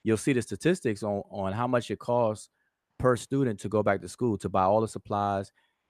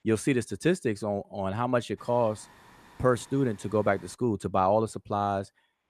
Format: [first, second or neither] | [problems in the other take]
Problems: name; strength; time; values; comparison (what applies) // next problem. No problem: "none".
first | hiss; faint; from 2 to 4 s; 25 dB below the speech